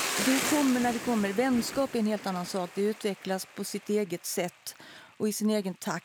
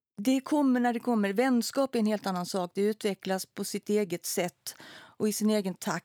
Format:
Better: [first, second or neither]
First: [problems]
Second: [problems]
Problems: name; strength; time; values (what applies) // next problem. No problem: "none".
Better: second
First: hiss; loud; throughout; 4 dB below the speech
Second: none